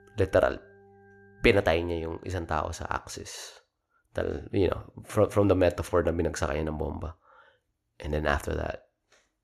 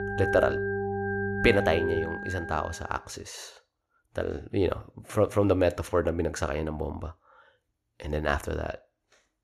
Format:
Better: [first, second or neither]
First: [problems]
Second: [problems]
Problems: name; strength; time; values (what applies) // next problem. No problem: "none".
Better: first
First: background music; faint; until 2.5 s; 25 dB below the speech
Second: background music; loud; until 2.5 s; 2 dB below the speech